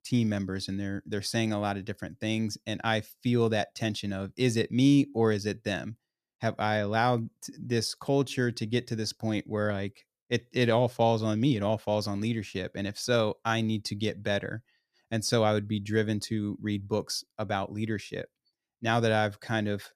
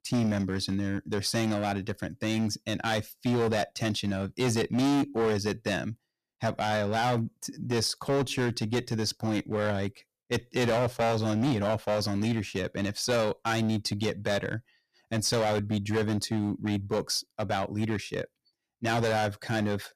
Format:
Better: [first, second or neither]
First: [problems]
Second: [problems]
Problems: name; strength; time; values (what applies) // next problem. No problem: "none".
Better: first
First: none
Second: distortion; heavy; 12% of the sound clipped